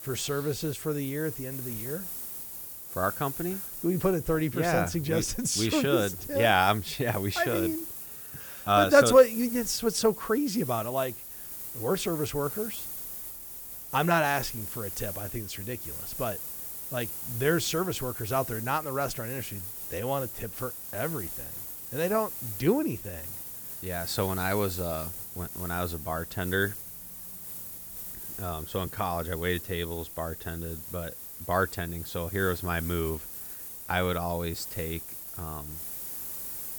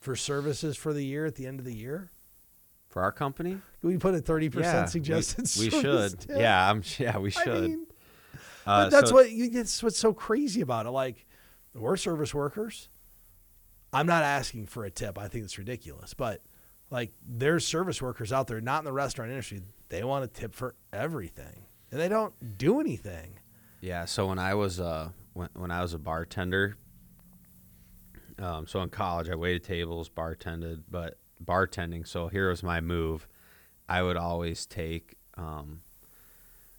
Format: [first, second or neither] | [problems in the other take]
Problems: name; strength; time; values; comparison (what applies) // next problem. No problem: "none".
second | hiss; loud; throughout; 7 dB below the speech; faint in the second